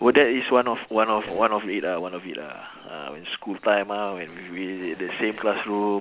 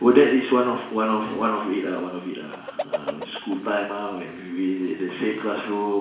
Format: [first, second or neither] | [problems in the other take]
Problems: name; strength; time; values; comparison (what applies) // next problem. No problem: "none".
first | background sound (Chicken, rooster); 11 dB below the speech // room echo; dies away in 0.7 s